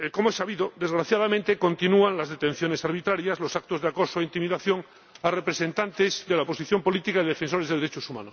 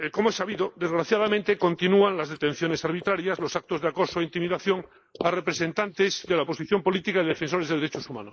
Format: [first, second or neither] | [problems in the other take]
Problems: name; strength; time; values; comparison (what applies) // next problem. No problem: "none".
first | noise reduction (neural mask model Resemble Enhance denoiser)